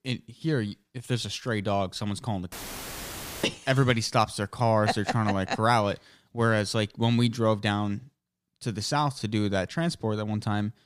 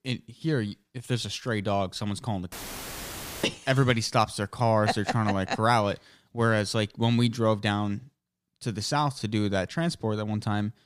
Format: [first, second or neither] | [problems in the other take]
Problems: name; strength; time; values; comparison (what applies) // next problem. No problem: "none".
neither | audio cutting out; filled with static; at 2.5 s for 1 s; the same in both